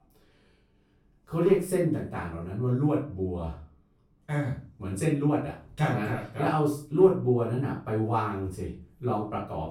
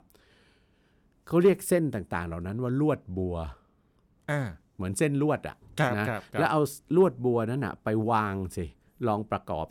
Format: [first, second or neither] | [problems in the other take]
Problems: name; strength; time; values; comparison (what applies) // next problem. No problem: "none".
second | room echo; noticeable; dies away in 0.3 s // off-mic speech; far